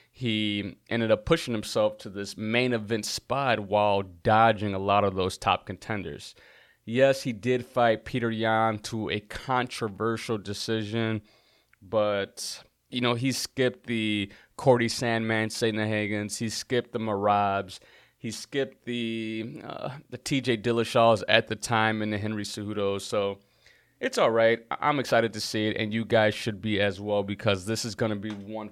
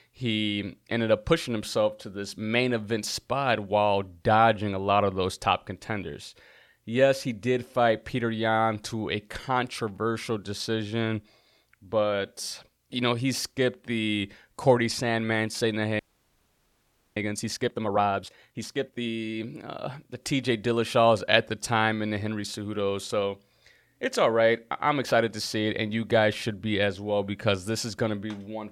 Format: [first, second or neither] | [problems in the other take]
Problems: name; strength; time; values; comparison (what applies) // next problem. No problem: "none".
first | audio freezing; at 16 s for 1 s